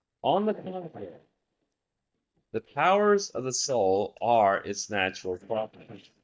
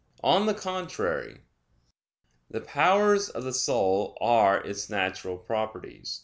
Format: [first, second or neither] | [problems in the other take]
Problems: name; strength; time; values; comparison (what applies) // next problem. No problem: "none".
second | noise reduction (neural mask model DeepFilterNet 3)